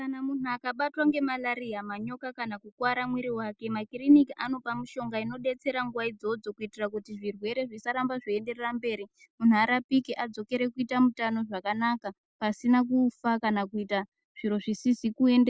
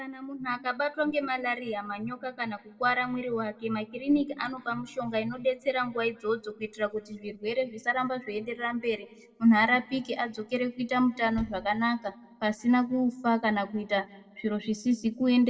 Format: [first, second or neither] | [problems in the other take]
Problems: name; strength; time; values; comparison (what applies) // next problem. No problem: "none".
first | noise reduction (neural separator model SepFormer DNS4)